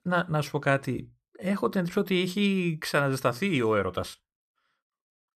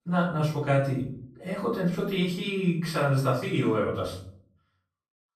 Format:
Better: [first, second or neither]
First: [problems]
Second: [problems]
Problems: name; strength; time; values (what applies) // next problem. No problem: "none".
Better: first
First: none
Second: off-mic speech; far // room echo; noticeable; dies away in 0.5 s